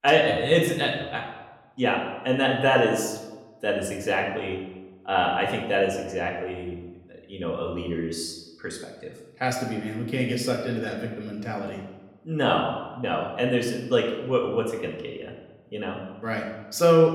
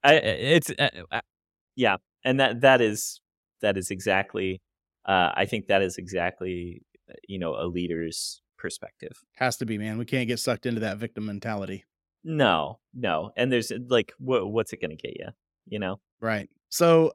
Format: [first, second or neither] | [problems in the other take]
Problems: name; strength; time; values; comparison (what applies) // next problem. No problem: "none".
second | room echo; slight; dies away in 0.9 s // off-mic speech; somewhat distant